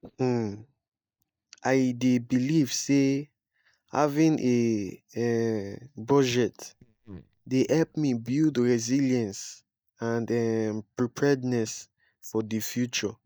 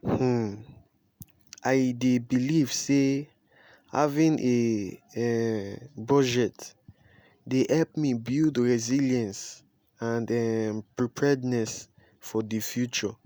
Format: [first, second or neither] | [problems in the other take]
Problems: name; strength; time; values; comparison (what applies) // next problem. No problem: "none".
second | noise reduction (neural mask model DeepFilterNet 3)